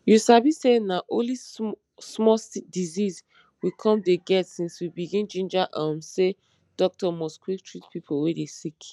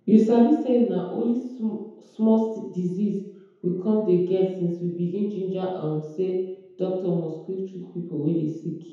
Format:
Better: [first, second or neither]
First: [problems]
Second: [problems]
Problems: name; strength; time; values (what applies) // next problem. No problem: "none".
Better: first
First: none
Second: room echo; dies away in 0.9 s